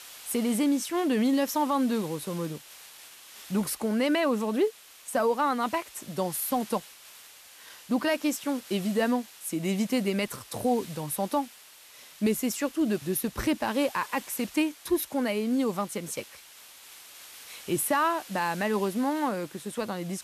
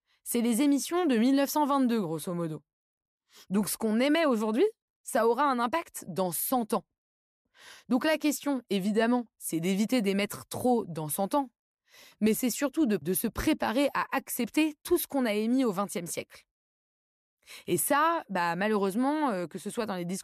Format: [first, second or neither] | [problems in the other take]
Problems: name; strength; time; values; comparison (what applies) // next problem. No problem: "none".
second | hiss; noticeable; throughout; 20 dB below the speech